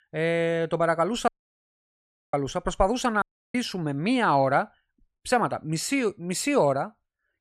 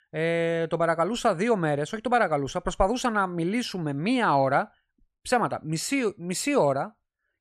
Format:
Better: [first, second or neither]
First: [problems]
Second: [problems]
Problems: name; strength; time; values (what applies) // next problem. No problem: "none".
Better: second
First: audio cutting out; at 1.5 s for 1 s and at 3 s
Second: none